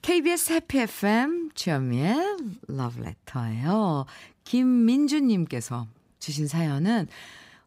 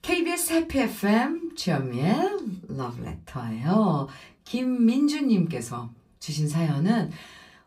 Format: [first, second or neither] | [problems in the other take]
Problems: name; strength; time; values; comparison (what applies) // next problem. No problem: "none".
first | off-mic speech; far // room echo; very slight; dies away in 0.2 s